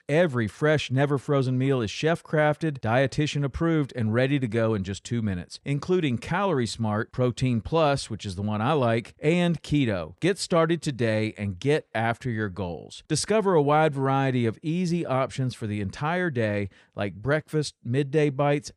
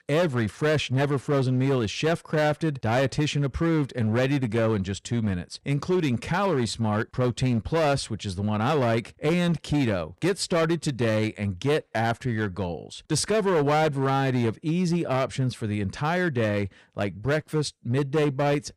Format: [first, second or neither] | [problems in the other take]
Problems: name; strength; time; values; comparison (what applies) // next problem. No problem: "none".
first | distortion; slight; 11% of the sound clipped